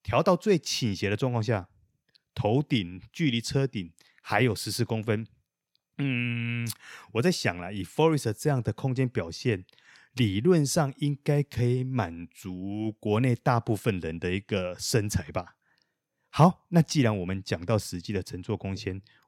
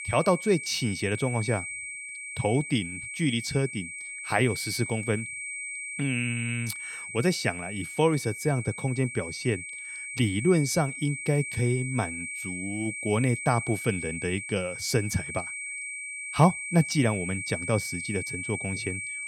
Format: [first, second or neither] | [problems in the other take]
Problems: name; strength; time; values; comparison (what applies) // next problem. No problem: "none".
first | high-pitched whine; loud; throughout; 2.5 kHz, 6 dB below the speech